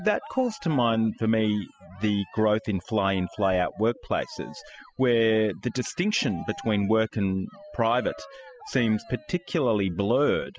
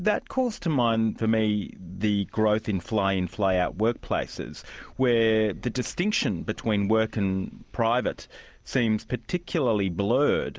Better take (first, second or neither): second